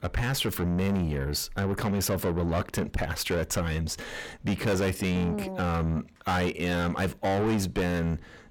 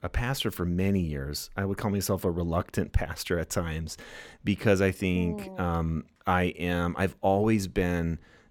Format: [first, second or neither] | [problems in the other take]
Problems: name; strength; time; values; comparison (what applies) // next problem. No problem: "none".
second | distortion; heavy; 7 dB below the speech